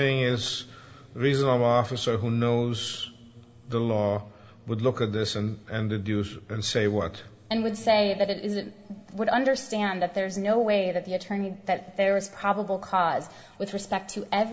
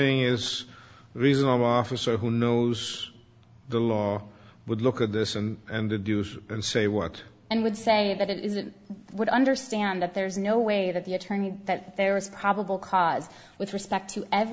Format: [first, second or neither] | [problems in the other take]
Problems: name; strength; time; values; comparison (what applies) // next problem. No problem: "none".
second | room echo; dies away in 1.6 s